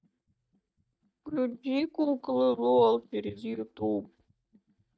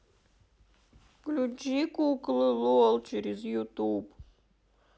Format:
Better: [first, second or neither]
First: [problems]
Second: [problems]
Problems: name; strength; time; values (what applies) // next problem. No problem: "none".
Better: second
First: noise reduction (neural mask model DeepFilterNet 3)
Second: none